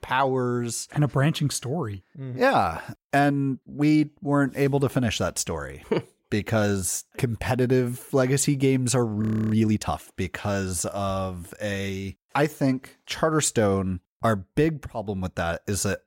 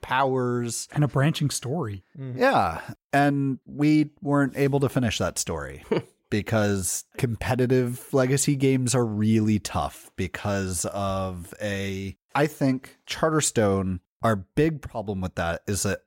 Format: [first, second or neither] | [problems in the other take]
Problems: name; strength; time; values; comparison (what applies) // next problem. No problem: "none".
second | audio freezing; at 9 s